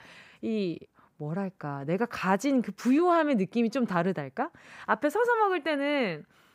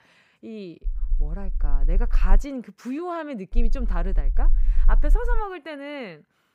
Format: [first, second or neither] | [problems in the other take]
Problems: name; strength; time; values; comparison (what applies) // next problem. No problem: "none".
first | low rumble; faint; from 1 to 2.5 s and from 3.5 to 5.5 s; 20 dB below the speech